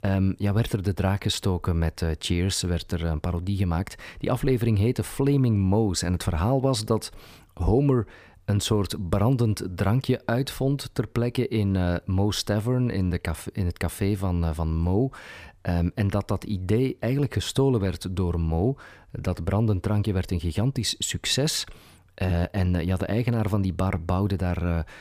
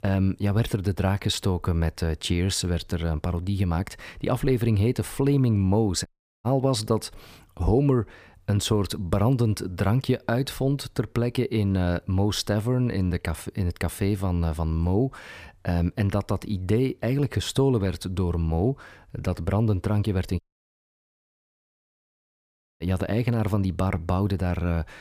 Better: first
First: none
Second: audio cutting out; at 6 s and at 20 s for 2.5 s

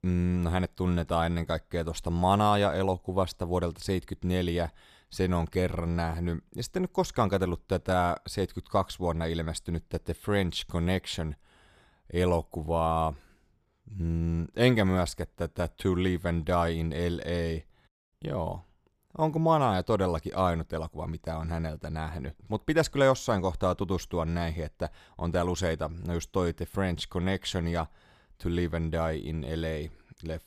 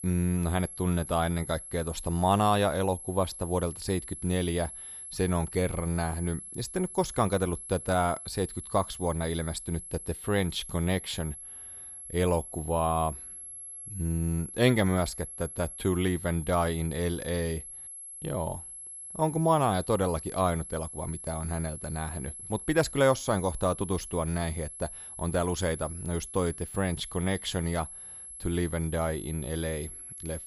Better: first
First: none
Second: high-pitched whine; noticeable; throughout; 11 kHz, 10 dB below the speech

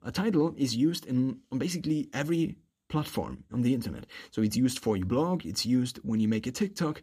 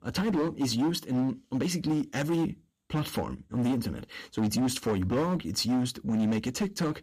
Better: first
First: none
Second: distortion; slight; 14% of the sound clipped

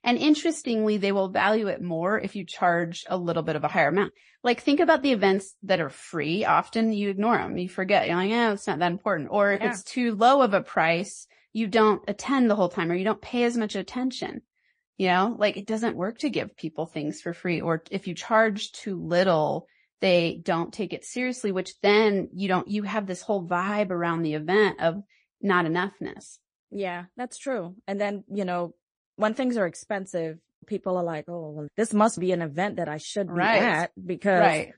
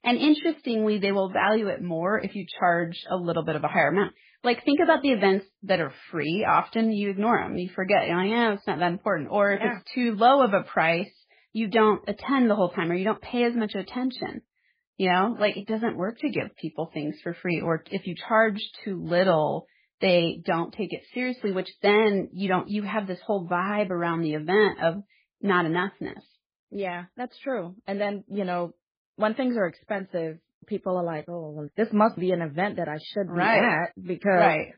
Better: first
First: garbled, watery; slightly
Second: garbled, watery; badly; nothing above 5 kHz

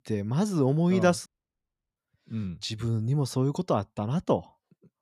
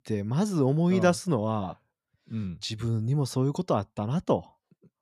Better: second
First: audio cutting out; at 1.5 s for 0.5 s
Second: none

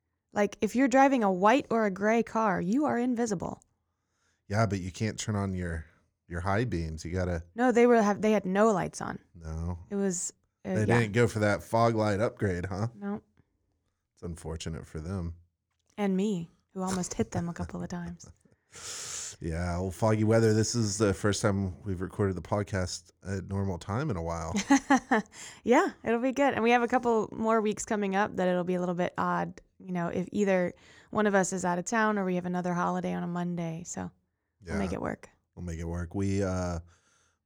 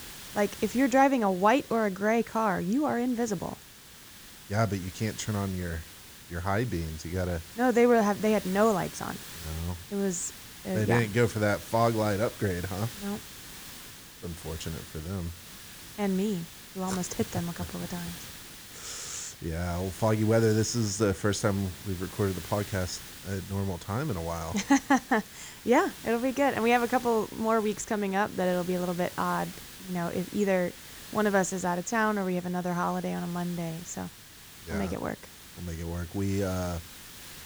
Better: first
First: none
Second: hiss; noticeable; throughout; 15 dB below the speech

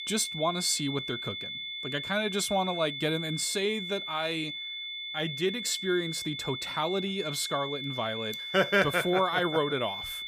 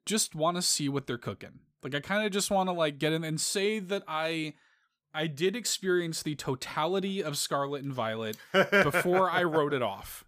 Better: second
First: high-pitched whine; loud; throughout; 3.5 kHz, 5 dB below the speech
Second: none

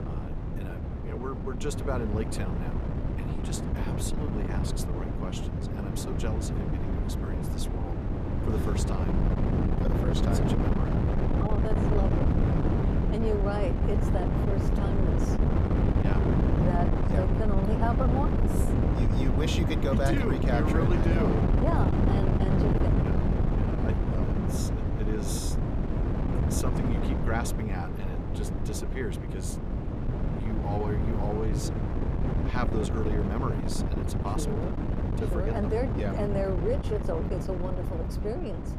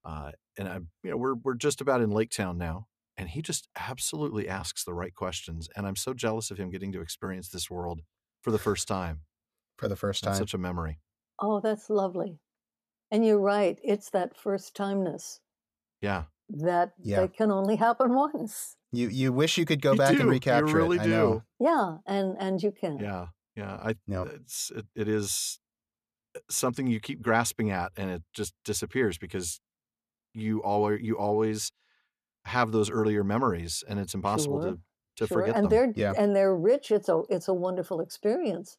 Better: second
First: wind noise on the microphone; heavy; as loud as the speech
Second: none

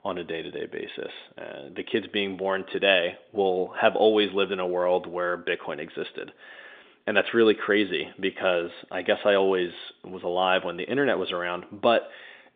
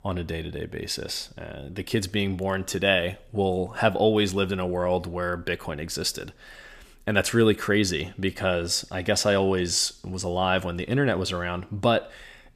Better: second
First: phone-call audio; nothing above 3.5 kHz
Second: none

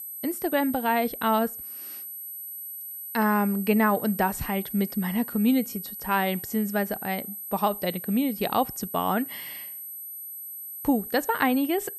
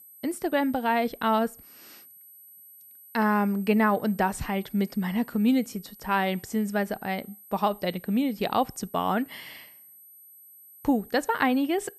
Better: second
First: high-pitched whine; loud; throughout; 12 kHz, 9 dB below the speech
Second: high-pitched whine; faint; throughout; 12 kHz, 20 dB below the speech

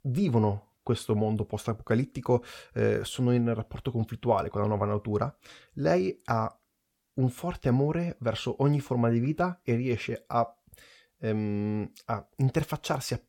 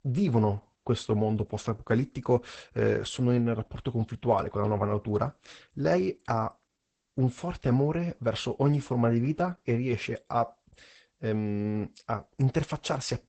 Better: first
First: none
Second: garbled, watery; badly; nothing above 8 kHz

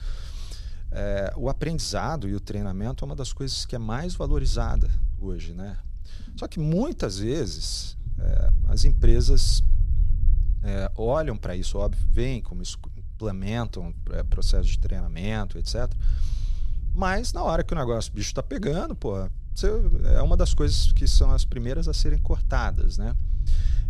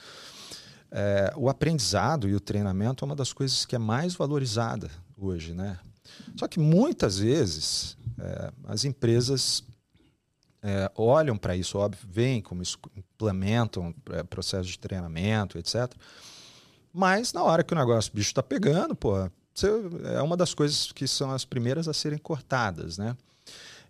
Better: second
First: low rumble; noticeable; throughout; 20 dB below the speech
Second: none

